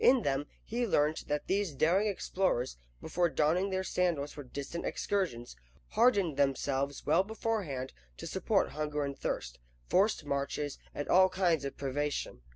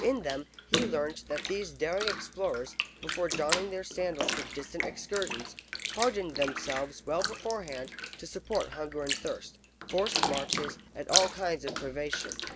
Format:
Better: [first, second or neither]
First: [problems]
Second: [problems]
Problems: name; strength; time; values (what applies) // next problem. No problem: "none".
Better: first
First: none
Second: background sound (Bathtub (filling or washing)); 2 dB below the speech